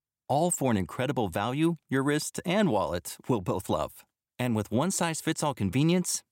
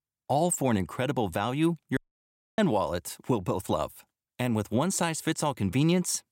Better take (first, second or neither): first